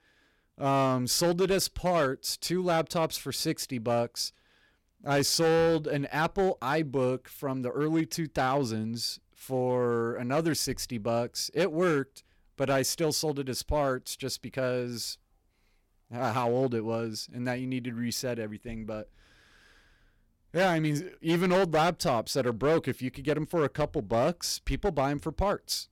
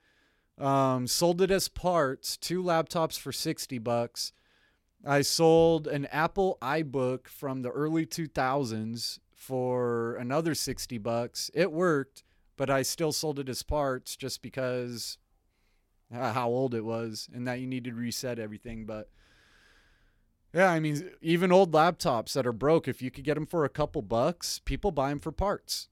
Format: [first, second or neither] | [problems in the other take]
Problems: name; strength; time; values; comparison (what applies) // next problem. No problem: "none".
second | distortion; slight; 5% of the sound clipped